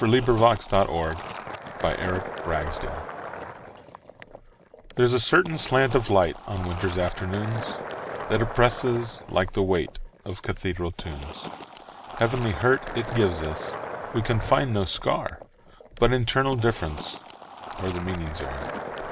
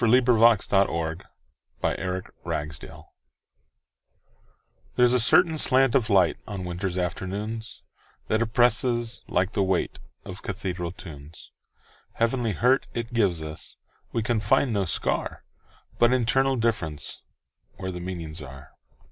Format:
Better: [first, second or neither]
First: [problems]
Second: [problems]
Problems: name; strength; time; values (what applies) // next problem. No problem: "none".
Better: second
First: background sound (Fill (with liquid)); 11 dB below the speech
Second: none